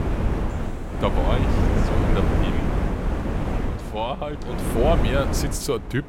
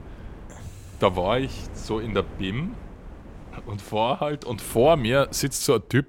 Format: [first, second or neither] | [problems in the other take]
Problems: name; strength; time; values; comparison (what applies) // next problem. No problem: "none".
second | wind noise on the microphone; heavy; 3 dB below the speech; occasional gusts in the second